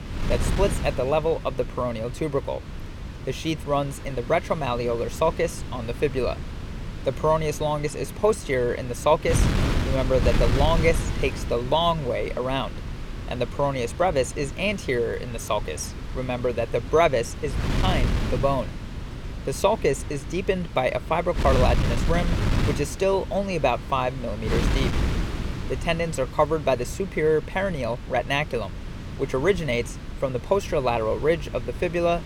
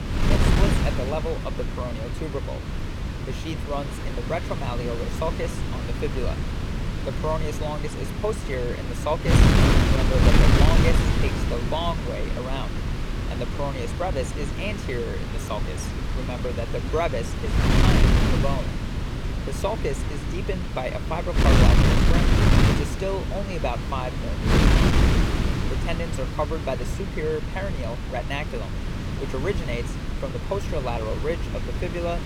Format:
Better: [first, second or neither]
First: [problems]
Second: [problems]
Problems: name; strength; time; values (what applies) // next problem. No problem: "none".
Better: first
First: wind noise on the microphone; occasional gusts; 10 dB below the speech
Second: wind noise on the microphone; heavy; as loud as the speech